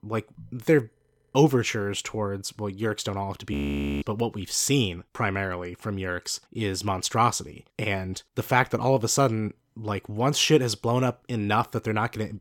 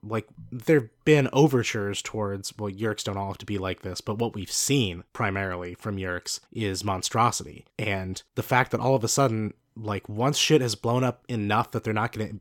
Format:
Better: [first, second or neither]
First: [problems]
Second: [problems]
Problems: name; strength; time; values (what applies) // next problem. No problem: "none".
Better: second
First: audio freezing; at 1 s and at 3.5 s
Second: none